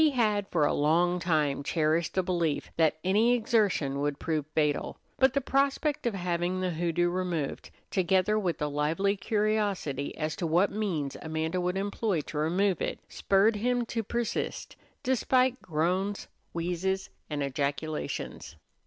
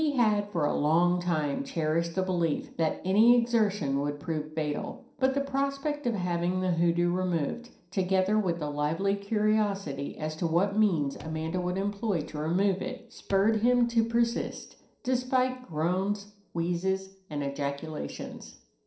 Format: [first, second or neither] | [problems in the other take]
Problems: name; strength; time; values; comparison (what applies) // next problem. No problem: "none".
first | noise reduction (neural separator model SepFormer DNS4)